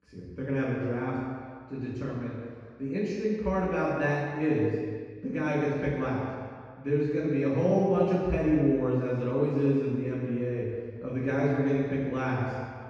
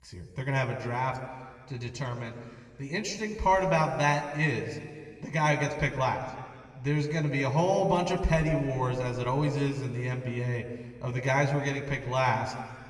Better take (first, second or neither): second